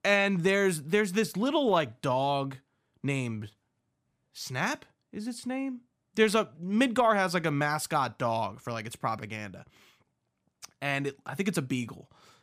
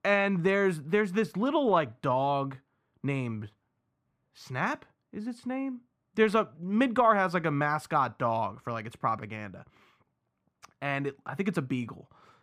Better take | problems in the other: first | muffled; slightly; fading above 3.5 kHz

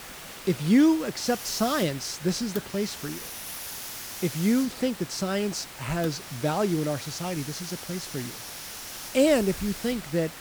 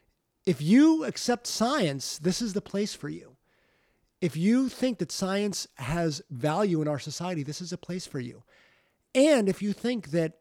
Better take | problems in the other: second | hiss; noticeable; throughout; 10 dB below the speech

